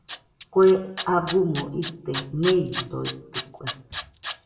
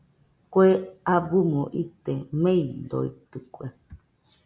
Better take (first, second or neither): second